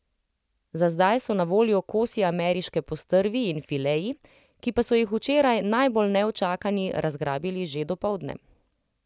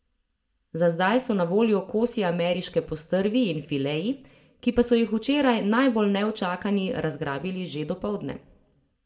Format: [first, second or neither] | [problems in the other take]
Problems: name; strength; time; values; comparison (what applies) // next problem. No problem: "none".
first | room echo; dies away in 0.3 s